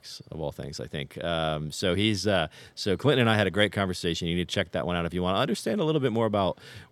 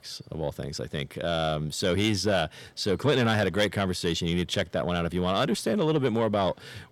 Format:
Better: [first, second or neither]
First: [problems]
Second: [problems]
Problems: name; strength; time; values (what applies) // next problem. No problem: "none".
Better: first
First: none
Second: distortion; slight; 10 dB below the speech